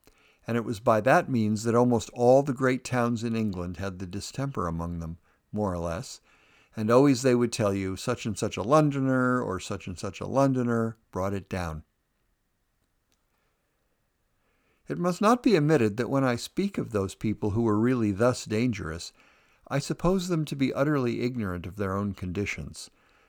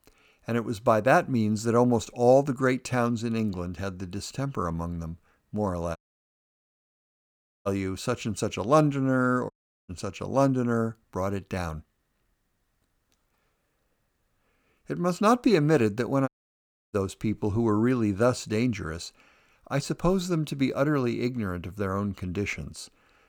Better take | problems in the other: first | audio cutting out; at 6 s for 1.5 s, at 9.5 s and at 16 s for 0.5 s

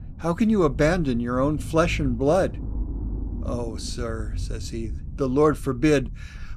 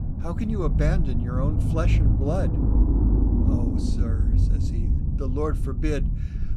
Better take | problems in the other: first | low rumble; loud; throughout; 3 dB below the speech; faint in the first

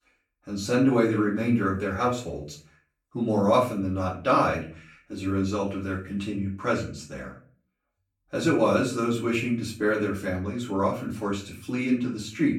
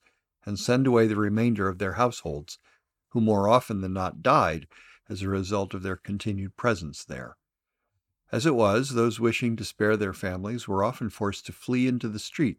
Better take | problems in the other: second | off-mic speech; far // room echo; slight; dies away in 0.4 s

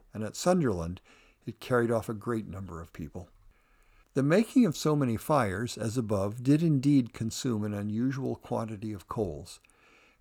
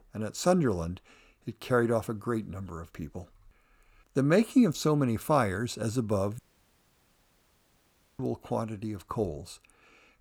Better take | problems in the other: first | audio cutting out; at 6.5 s for 2 s

